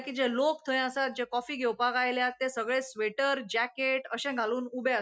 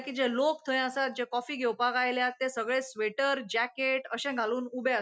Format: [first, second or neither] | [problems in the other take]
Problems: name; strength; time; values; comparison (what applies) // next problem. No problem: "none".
second | noise reduction (neural mask model Resemble Enhance denoiser)